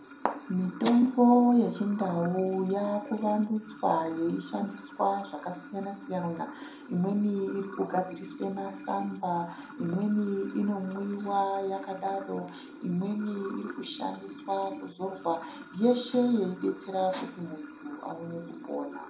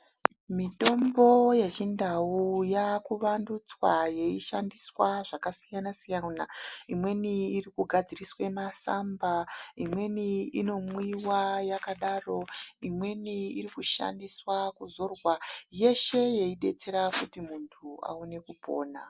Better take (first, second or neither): second